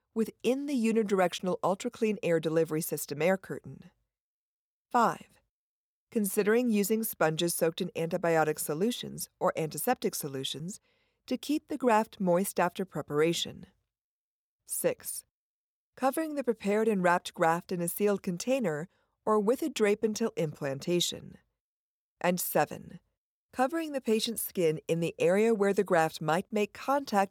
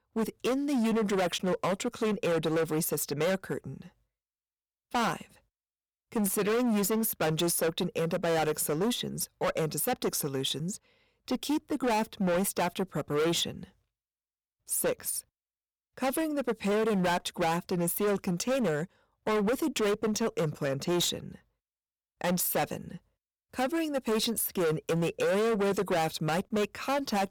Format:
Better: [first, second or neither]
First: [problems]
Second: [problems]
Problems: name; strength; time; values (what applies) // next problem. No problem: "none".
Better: first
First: none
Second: distortion; heavy; 17% of the sound clipped